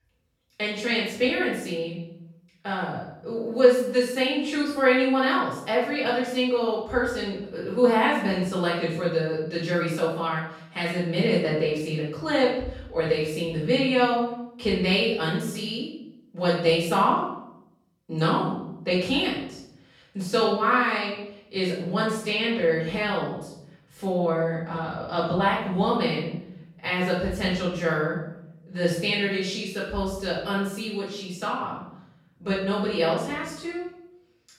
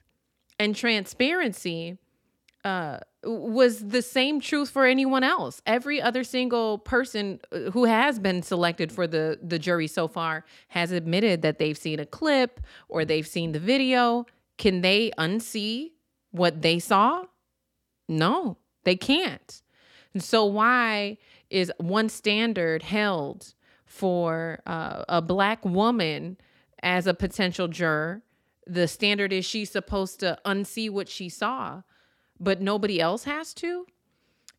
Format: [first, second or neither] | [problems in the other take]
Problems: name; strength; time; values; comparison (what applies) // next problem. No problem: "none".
second | off-mic speech; far // room echo; noticeable; dies away in 0.7 s